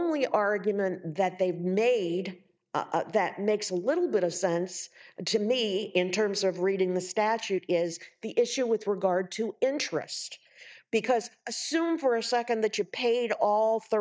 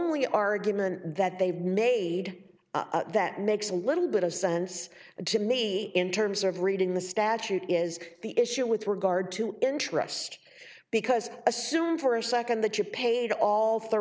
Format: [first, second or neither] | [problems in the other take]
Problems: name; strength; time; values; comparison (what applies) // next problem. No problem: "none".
second | noise reduction (neural mask model DeepFilterNet 3)